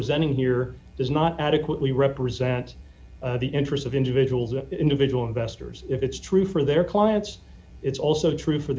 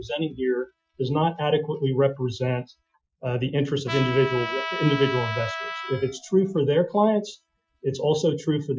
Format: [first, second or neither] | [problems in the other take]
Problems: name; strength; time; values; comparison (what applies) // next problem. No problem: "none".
first | noise reduction (classical method Wiener filter)